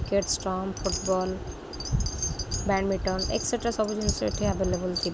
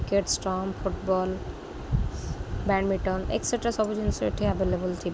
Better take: second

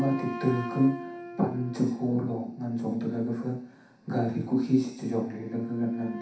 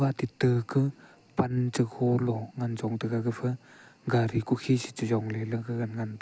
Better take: second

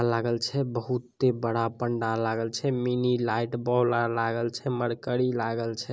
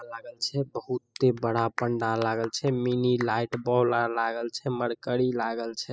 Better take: first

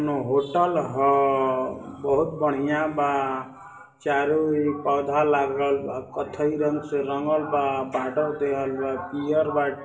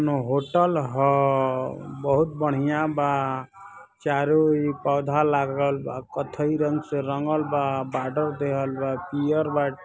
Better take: second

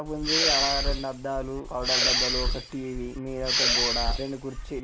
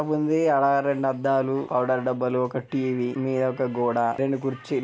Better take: second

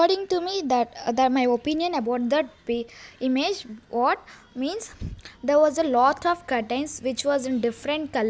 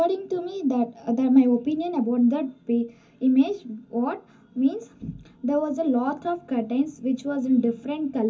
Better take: first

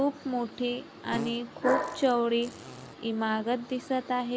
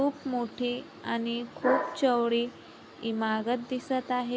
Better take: second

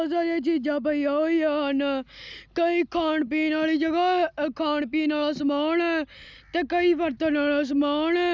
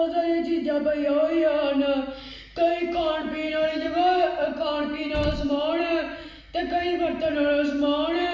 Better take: first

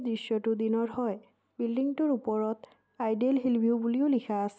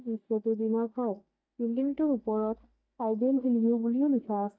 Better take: first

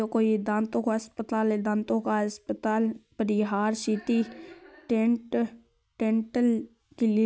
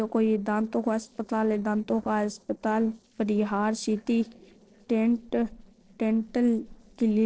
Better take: first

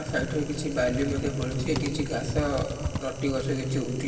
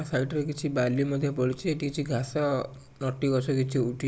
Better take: second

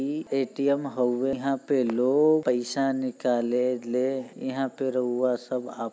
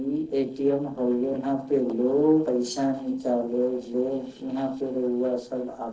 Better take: first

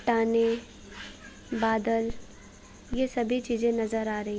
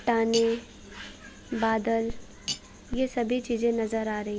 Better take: first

